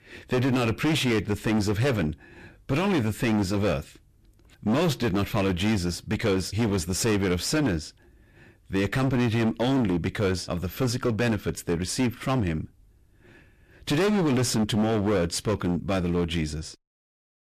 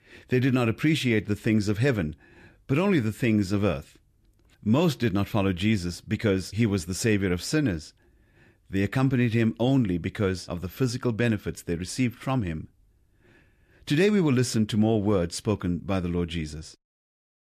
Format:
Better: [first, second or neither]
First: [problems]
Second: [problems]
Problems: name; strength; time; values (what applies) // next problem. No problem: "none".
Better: second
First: distortion; heavy; 19% of the sound clipped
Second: none